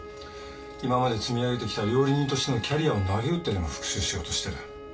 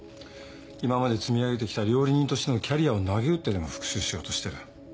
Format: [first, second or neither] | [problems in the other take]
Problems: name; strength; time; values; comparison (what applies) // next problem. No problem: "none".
second | background sound (Wind instrument, woodwind instrument); 15 dB below the speech // room echo; dies away in 0.2 s